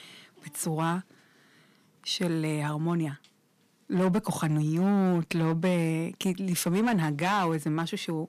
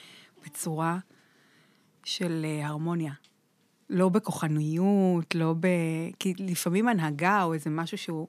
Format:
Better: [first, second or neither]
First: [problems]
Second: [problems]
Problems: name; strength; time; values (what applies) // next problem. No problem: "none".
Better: second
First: distortion; slight; 7% of the sound clipped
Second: none